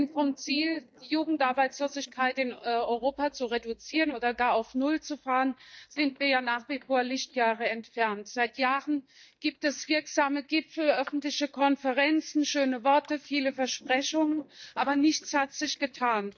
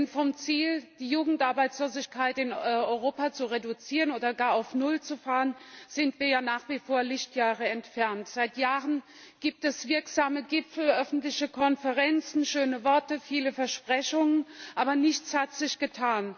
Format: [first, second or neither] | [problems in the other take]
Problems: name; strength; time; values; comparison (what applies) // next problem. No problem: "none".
second | noise reduction (neural mask model DeepFilterNet 3)